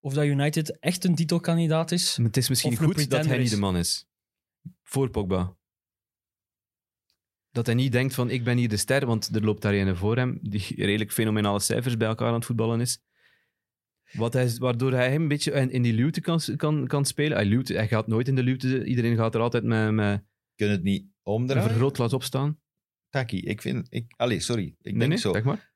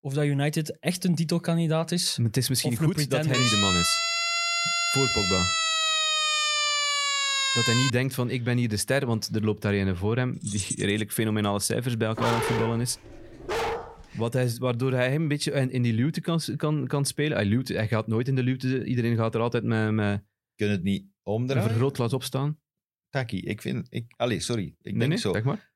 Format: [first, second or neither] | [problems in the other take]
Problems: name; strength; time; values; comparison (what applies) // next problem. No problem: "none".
first | siren; loud; from 3.5 to 8 s; peak 5 dB above the speech // jangling keys; noticeable; at 10 s; peak 5 dB below the speech // dog barking; noticeable; from 12 to 14 s; peak level with the speech